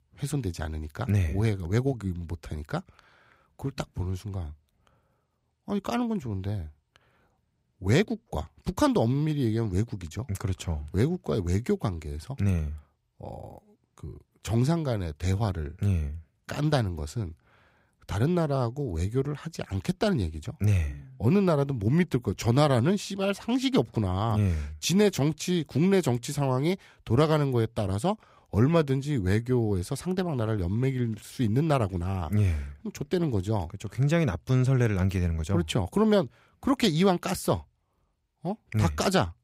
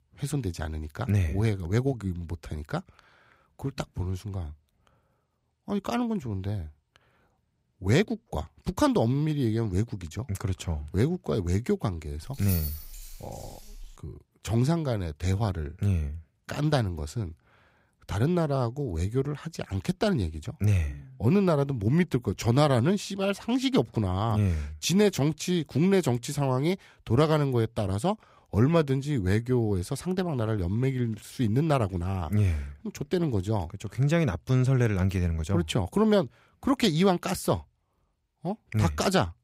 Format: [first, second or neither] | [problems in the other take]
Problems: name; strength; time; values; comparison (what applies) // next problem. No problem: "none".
first | jangling keys; noticeable; from 12 to 14 s; peak 6 dB below the speech